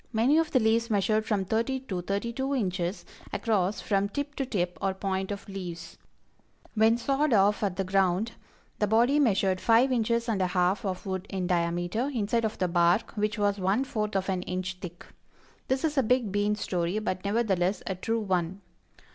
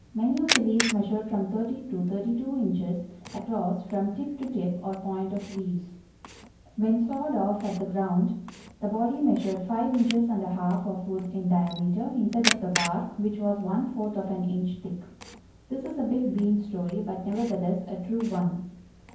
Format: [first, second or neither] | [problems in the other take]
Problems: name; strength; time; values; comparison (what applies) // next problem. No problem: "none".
first | background sound (Camera); 10 dB below the speech // room echo; dies away in 0.9 s